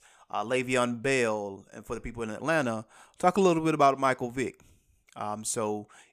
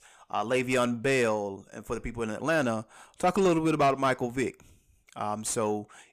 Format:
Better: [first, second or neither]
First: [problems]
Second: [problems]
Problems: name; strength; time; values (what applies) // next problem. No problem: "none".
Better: first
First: none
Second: distortion; slight; 10 dB below the speech